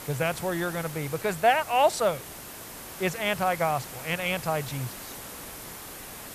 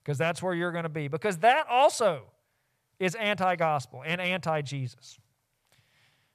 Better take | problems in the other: second | hiss; noticeable; throughout; 10 dB below the speech

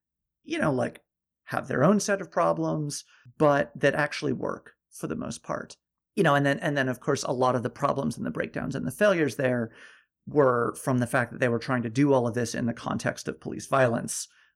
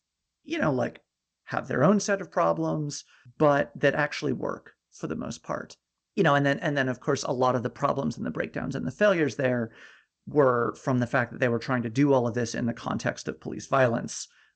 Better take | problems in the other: first | garbled, watery; slightly; nothing above 7.5 kHz

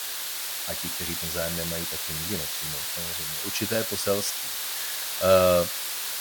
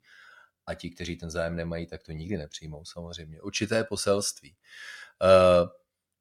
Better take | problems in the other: second | hiss; loud; throughout; 1 dB below the speech

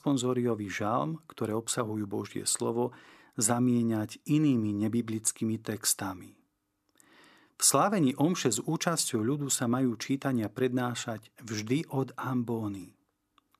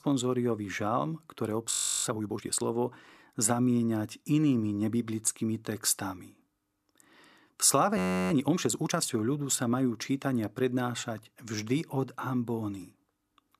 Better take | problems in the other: first | audio freezing; at 1.5 s and at 8 s

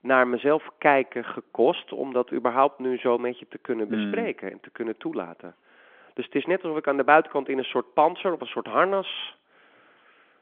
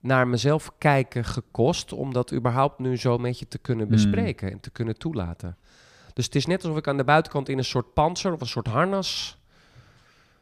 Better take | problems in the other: second | phone-call audio; nothing above 3.5 kHz

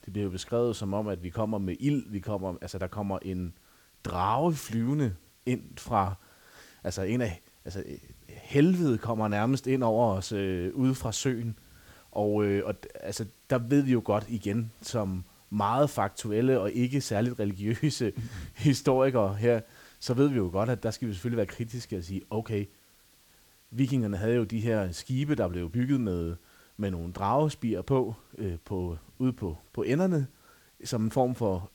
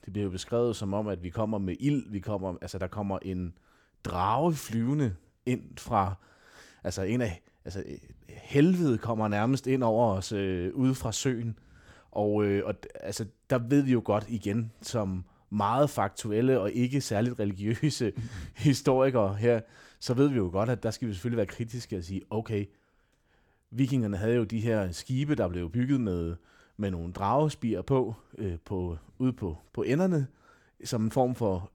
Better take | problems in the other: second | hiss; faint; throughout; 30 dB below the speech

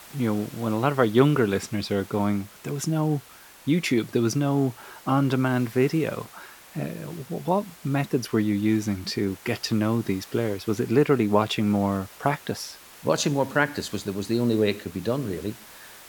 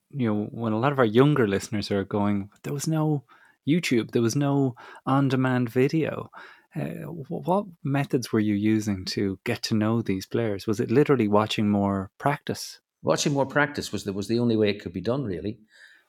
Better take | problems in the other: second | hiss; faint; throughout; 20 dB below the speech

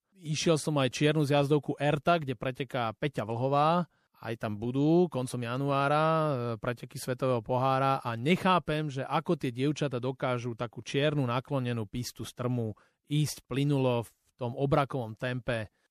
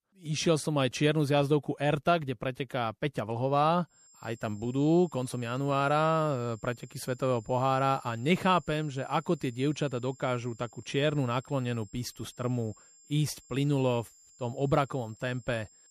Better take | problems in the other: first | high-pitched whine; faint; from 4 s on; 7.5 kHz, 25 dB below the speech

